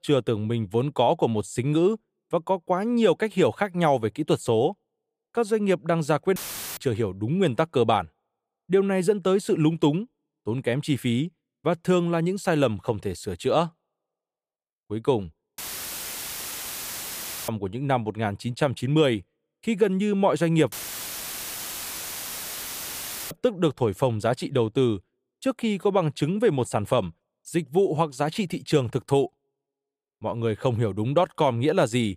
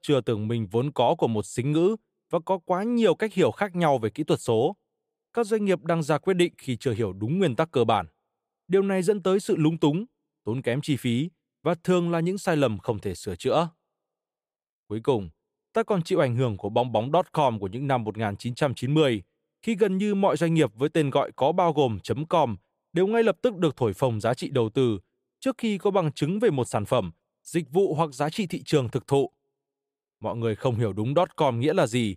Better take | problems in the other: second | audio cutting out; filled with static; at 6.5 s, at 16 s for 2 s and at 21 s for 2.5 s

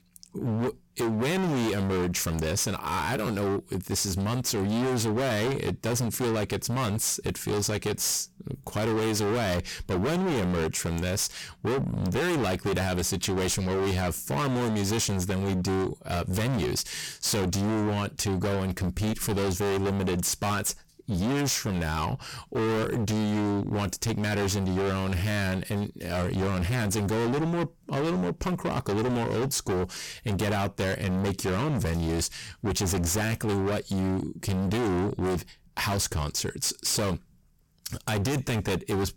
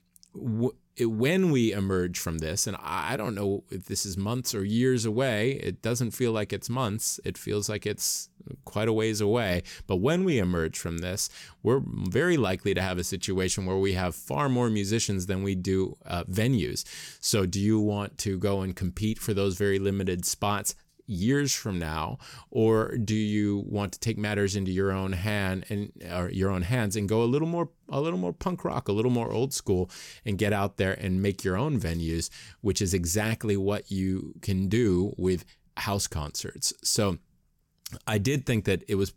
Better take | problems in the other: second | distortion; heavy; 36% of the sound clipped

